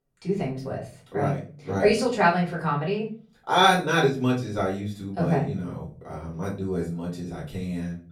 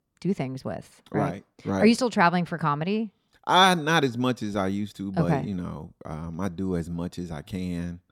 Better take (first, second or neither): second